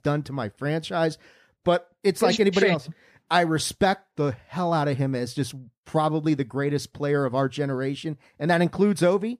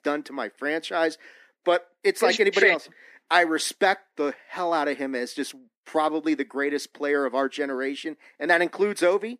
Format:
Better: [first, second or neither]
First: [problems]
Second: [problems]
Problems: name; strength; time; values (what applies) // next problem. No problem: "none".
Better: first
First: none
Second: thin; somewhat; fading below 250 Hz